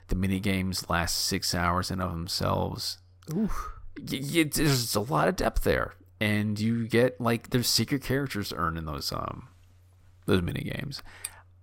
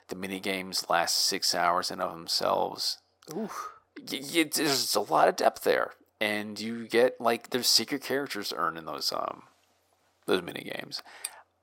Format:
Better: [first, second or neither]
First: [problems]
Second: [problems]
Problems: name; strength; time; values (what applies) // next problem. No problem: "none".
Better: first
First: none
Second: thin; somewhat; fading below 400 Hz